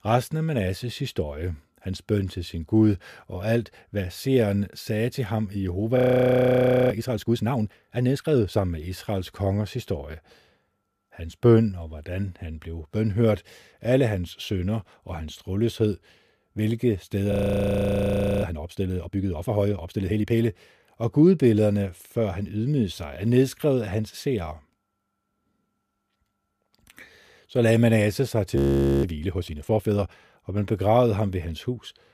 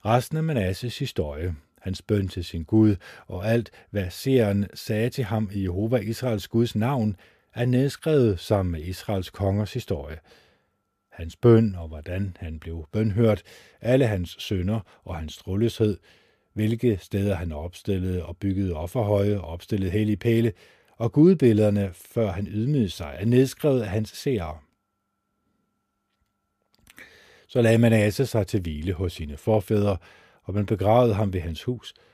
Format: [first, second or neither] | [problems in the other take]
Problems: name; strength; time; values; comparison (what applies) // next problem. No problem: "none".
second | audio freezing; at 6 s for 1 s, at 17 s for 1 s and at 29 s